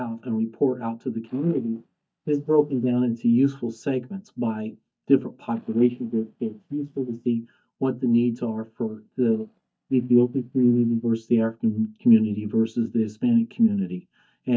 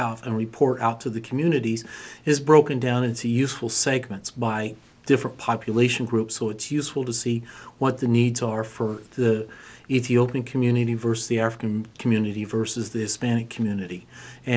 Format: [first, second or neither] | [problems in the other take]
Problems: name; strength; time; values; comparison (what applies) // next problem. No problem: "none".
second | noise reduction (neural mask model DeepFilterNet 3)